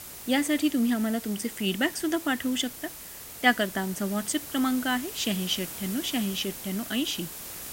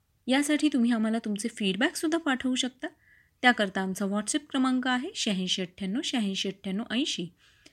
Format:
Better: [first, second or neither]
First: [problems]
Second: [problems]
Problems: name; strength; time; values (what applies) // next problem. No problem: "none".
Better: second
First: hiss; noticeable; throughout; 10 dB below the speech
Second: none